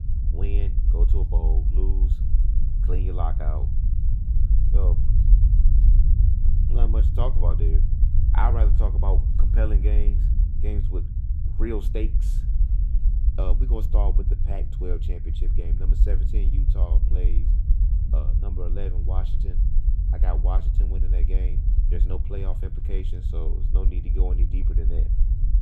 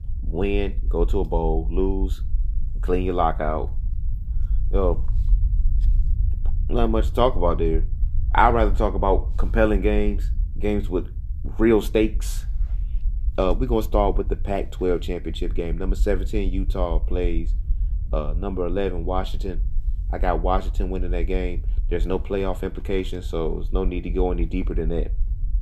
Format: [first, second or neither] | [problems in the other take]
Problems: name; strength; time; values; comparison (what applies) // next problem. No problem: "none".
second | low rumble; loud; throughout; 5 dB below the speech; faint in the second